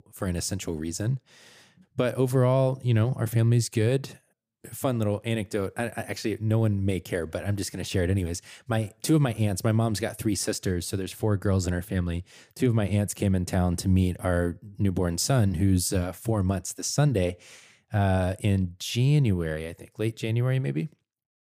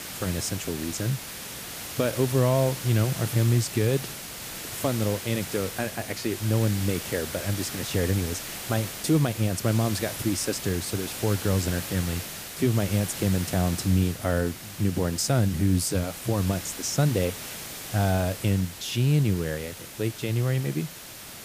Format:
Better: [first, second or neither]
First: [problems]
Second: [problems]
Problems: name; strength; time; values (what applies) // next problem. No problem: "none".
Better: first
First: none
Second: hiss; loud; throughout; 8 dB below the speech